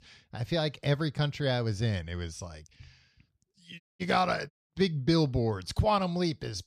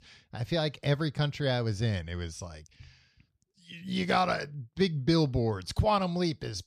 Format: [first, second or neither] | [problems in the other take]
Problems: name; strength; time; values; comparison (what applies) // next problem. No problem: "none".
second | audio cutting out; at 4 s and at 4.5 s